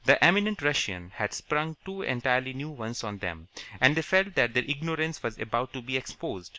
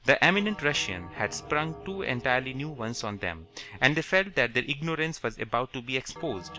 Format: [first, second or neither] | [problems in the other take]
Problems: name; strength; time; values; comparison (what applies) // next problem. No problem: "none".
first | background sound (Bell); 19 dB below the speech